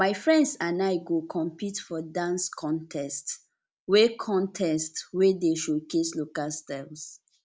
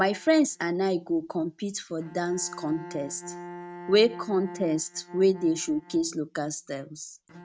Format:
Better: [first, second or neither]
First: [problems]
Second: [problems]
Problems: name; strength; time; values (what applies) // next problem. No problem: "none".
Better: first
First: none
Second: noise reduction (neural mask model RNNoise)